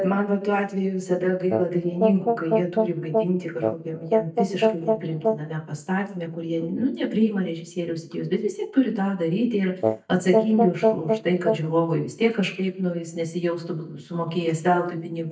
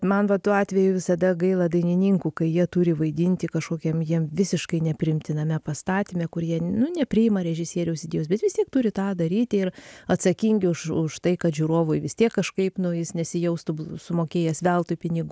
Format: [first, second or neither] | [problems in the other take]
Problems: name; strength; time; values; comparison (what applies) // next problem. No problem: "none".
second | noise reduction (neural mask model DeepFilterNet 3)